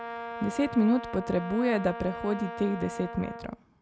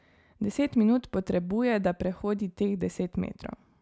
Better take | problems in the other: second | background sound (Brass instrument); 10 dB below the speech

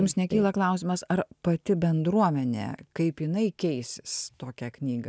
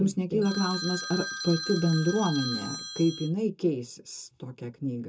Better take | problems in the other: first | background sound (Telephone); 8 dB below the speech // room echo; dies away in 0.2 s

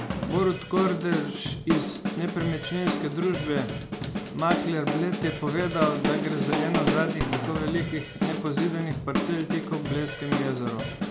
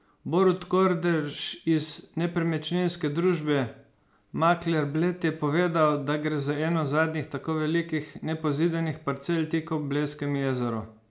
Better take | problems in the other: second | background sound (Drum kit); 1 dB below the speech

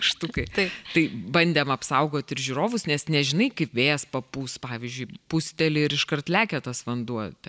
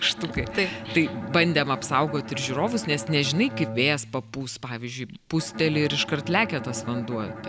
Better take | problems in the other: first | background sound (Bowed string instrument); 11 dB below the speech

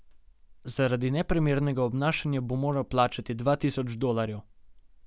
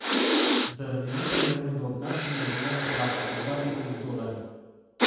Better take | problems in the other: first | background sound (Breathing); 3 dB above the speech // room echo; dies away in 1.2 s

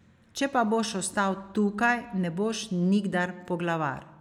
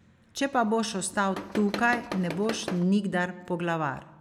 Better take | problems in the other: first | background sound (Tools); 9 dB below the speech

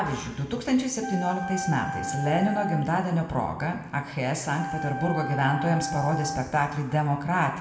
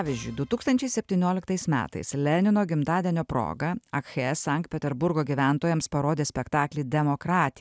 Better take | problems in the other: second | background sound (Wind instrument, woodwind instrument); 9 dB below the speech // room echo; dies away in 1.3 s

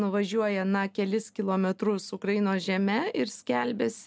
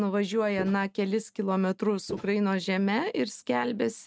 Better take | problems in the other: first | noise reduction (neural mask model RNNoise)

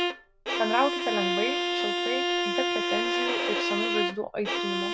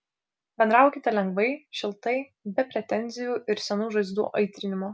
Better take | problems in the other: second | background sound (Bowed string instrument); 4 dB above the speech

